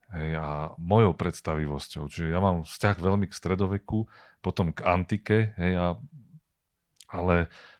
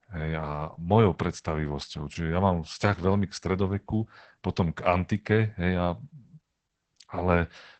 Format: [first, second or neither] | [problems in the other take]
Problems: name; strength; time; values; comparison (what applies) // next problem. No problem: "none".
first | garbled, watery; badly; nothing above 8 kHz; slightly in the first